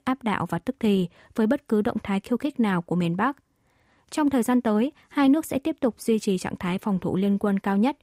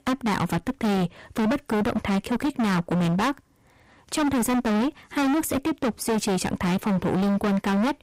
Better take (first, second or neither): first